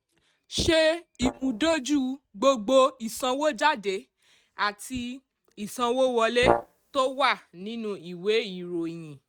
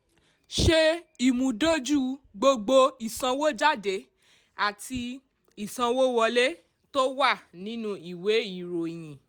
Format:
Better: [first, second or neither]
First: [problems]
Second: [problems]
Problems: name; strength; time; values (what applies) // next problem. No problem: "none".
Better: second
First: noise reduction (neural mask model RNNoise)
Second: none